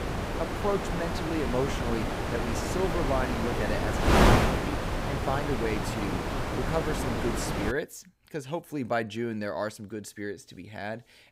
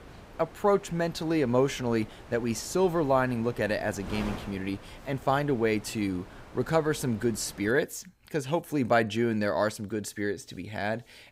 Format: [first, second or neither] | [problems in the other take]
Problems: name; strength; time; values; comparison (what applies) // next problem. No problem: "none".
second | wind noise on the microphone; heavy; until 7.5 s; 4 dB above the speech; occasional gusts in the second